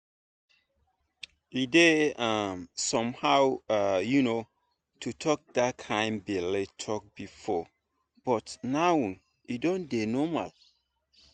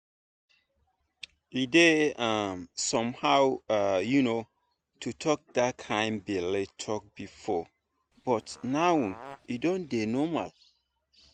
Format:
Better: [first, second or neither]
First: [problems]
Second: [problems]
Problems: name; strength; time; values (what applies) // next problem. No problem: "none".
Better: first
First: none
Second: background sound (Fart); 19 dB below the speech